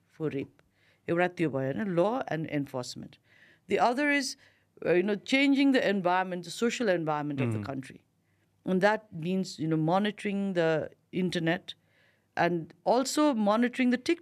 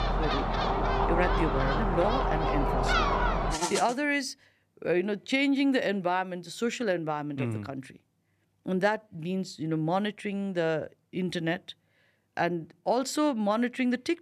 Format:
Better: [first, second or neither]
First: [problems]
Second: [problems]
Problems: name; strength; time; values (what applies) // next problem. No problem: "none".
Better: first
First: none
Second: animal sounds; very loud; until 4 s; 1 dB above the speech